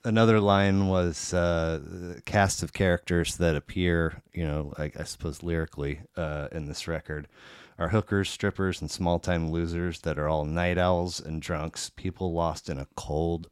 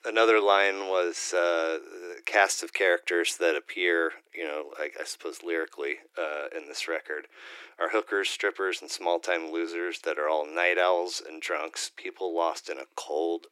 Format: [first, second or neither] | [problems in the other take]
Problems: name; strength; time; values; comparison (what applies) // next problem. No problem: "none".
first | thin; very; fading below 350 Hz